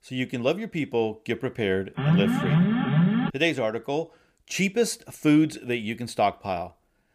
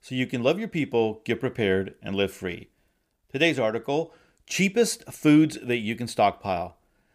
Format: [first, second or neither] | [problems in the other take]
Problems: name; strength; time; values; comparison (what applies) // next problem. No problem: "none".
second | alarm; loud; from 2 to 3.5 s; peak 5 dB above the speech